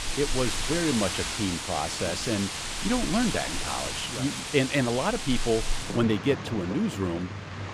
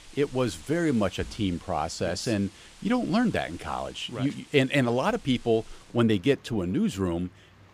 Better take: second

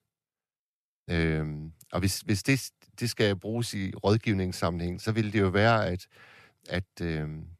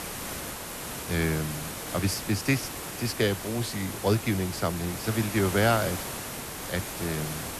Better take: first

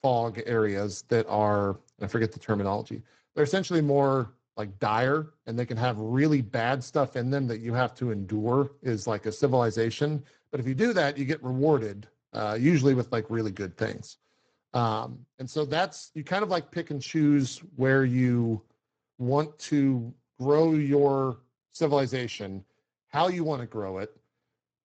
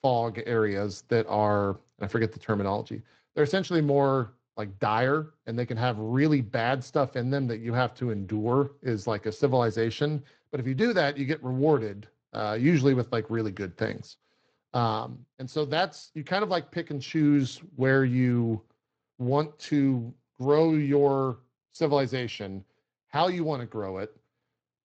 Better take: second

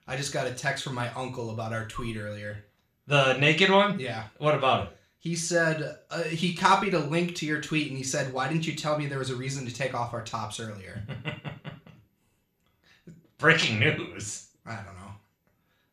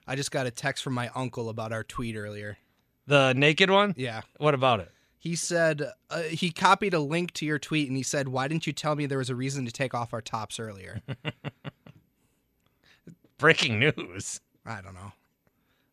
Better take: second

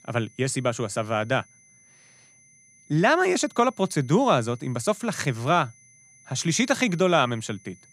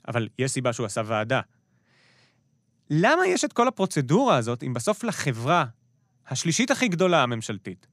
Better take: second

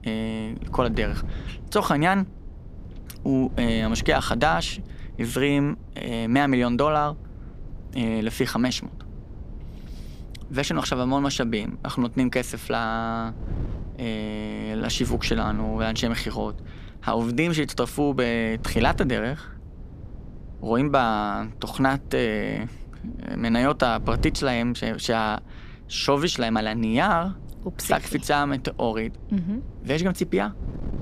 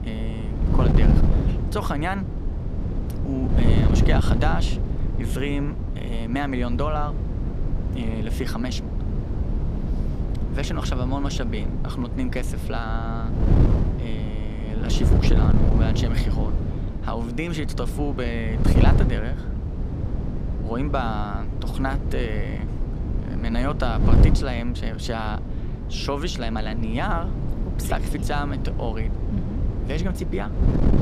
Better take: first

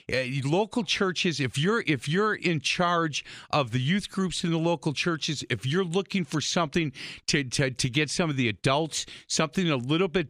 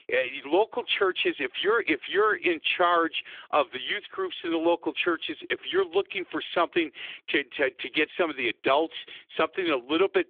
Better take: first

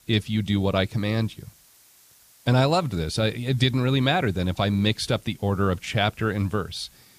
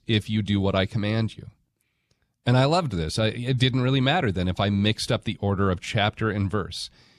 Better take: second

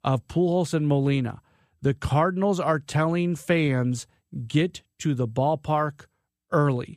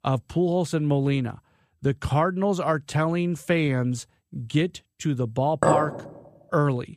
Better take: first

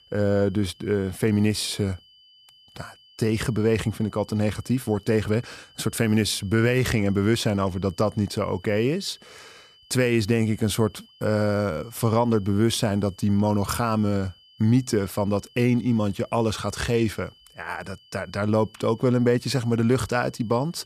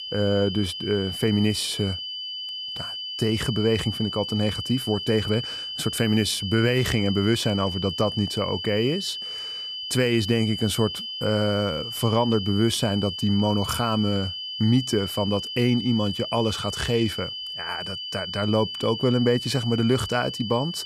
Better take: first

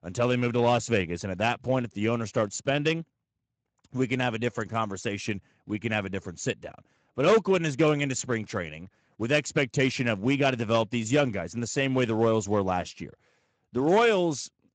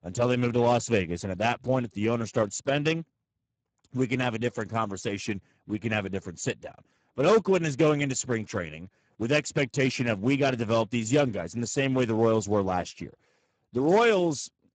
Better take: first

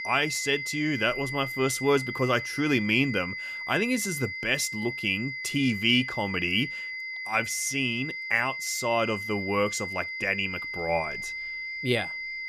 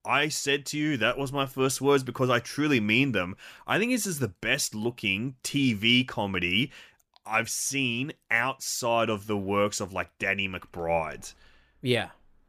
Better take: second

